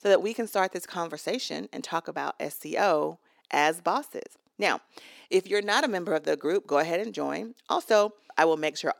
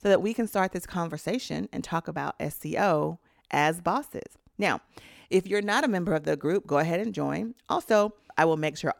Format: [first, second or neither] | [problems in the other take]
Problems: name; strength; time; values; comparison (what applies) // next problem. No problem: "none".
second | thin; very slightly; fading below 350 Hz